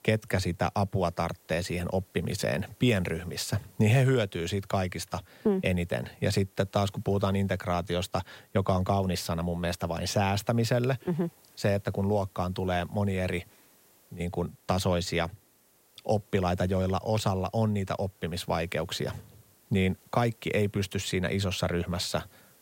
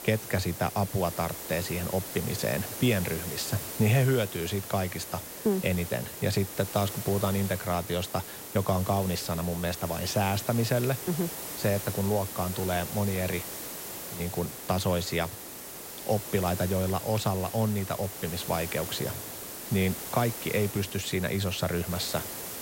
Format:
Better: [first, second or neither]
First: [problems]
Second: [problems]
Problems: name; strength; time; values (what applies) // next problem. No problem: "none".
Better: first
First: hiss; faint; throughout; 30 dB below the speech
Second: hiss; loud; throughout; 7 dB below the speech